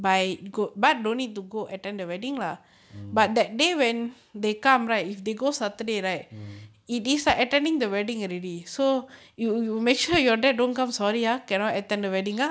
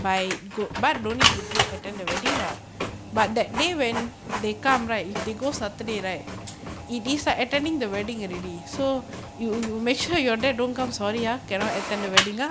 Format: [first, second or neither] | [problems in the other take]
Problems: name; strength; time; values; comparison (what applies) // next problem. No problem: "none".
first | background sound (Printer); 4 dB below the speech